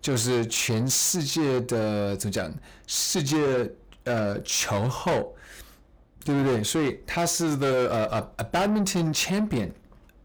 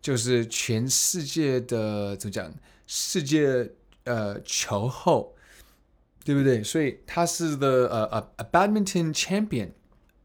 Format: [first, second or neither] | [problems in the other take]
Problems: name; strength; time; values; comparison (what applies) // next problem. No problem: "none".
second | distortion; heavy; 7 dB below the speech